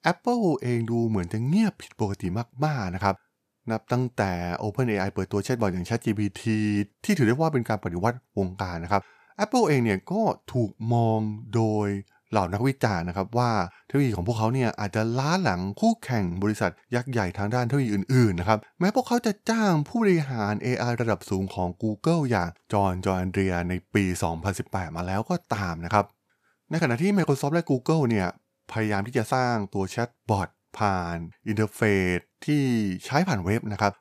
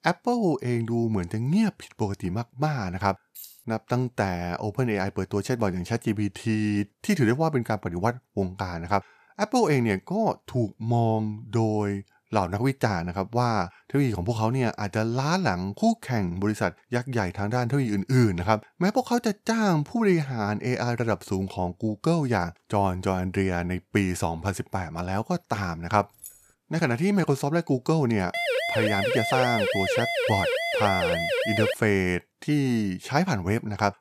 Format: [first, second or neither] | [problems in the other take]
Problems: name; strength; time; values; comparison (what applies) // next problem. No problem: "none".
first | jangling keys; faint; at 3.5 s and at 26 s; peak 15 dB below the speech // siren; loud; from 28 to 32 s; peak 1 dB above the speech